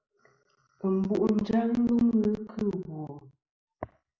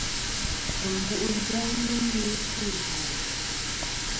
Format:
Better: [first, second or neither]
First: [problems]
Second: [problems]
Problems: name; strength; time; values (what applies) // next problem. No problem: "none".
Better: first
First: none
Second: background sound (Water tap, faucet); 3 dB above the speech